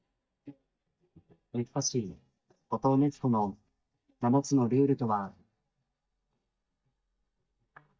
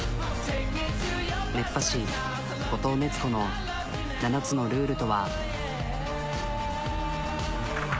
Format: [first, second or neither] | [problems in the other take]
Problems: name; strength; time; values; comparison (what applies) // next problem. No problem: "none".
second | noise reduction (neural mask model DeepFilterNet 3)